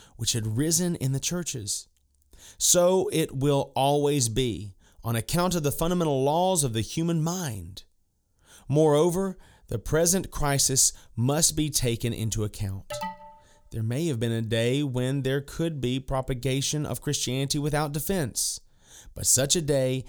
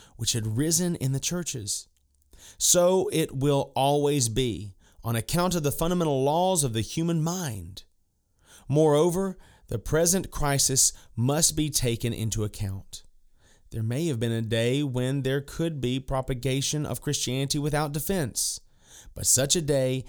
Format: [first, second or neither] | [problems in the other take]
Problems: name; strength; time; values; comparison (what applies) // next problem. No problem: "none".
second | alarm; faint; at 13 s; peak 10 dB below the speech